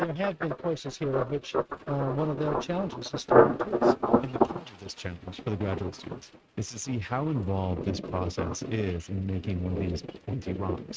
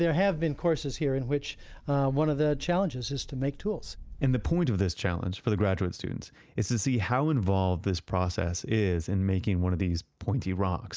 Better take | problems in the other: second | noise reduction (neural mask model RNNoise)

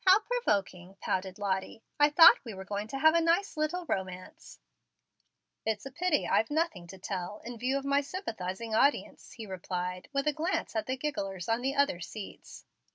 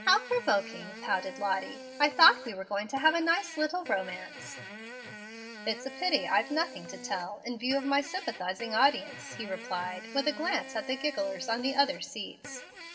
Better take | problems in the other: first | background sound (Fart); 14 dB below the speech // room echo; dies away in 1.3 s

